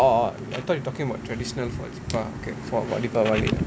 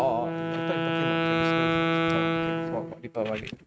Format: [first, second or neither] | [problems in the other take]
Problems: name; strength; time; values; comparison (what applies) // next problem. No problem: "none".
first | noise reduction (neural mask model RNNoise)